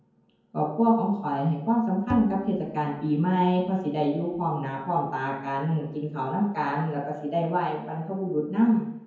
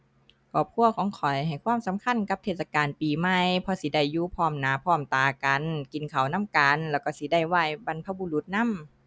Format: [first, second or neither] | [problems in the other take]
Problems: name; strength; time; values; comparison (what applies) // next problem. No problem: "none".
second | background sound (Bowed string instrument); 11 dB below the speech // room echo; dies away in 0.9 s